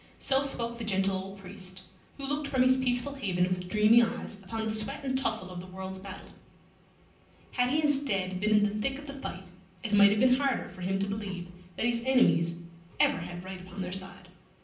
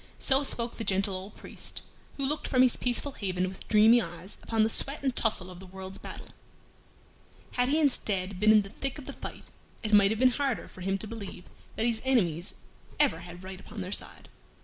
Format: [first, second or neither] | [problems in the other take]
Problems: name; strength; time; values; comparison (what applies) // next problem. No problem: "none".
second | room echo; dies away in 0.6 s